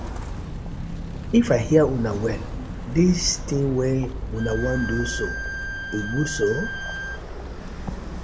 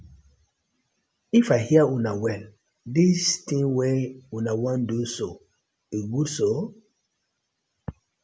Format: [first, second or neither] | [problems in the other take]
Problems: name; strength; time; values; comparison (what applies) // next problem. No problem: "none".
second | background sound (Bowed string instrument + Walk, footsteps); 6 dB below the speech